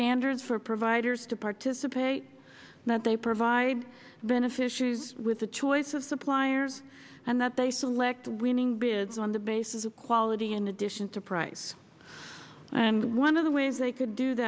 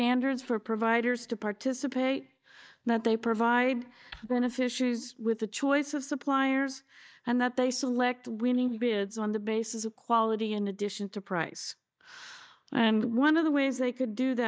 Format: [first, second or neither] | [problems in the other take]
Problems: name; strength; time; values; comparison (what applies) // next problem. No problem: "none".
first | noise reduction (neural mask model DeepFilterNet 3)